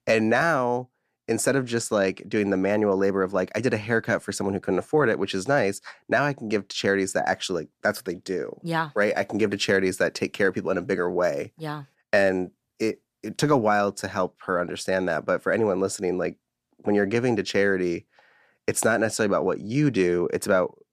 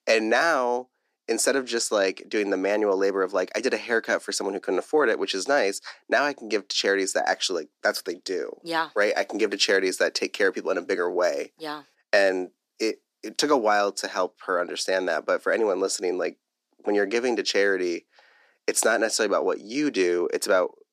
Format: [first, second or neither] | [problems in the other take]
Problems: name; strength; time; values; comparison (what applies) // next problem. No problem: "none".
first | thin; very slightly; fading below 300 Hz